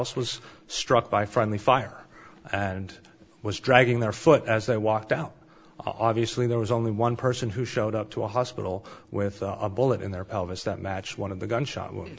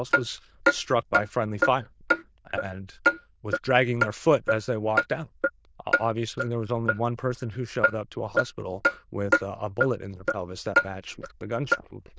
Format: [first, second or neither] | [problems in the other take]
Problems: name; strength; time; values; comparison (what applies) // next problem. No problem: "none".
first | noise reduction (neural diffusion model UNIVERSE++)